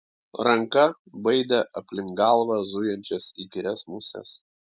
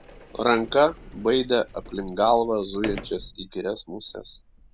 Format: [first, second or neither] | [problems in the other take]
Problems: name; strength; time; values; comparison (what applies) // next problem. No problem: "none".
first | background sound (Sliding door); 17 dB below the speech